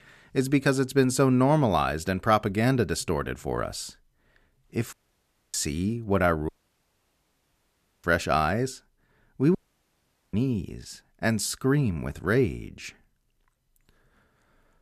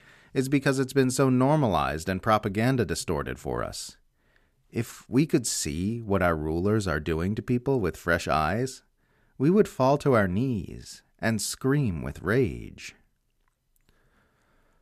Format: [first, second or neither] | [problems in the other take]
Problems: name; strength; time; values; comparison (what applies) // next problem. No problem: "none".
second | audio cutting out; at 5 s for 0.5 s, at 6.5 s for 1.5 s and at 9.5 s for 1 s